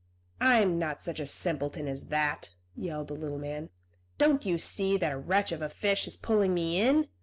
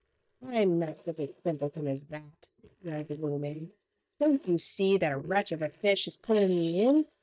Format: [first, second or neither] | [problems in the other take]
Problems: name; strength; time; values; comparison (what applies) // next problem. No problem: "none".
first | noise reduction (neural mask model DeepFilterNet 3)